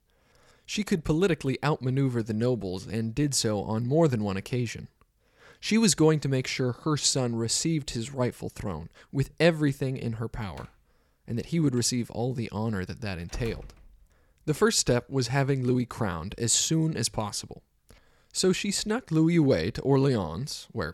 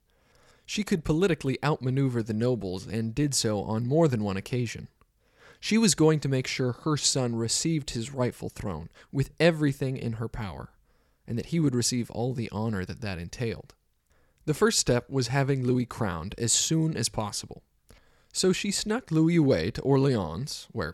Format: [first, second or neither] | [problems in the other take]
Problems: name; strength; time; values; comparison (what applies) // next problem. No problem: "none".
second | door banging; faint; from 11 to 14 s; peak 15 dB below the speech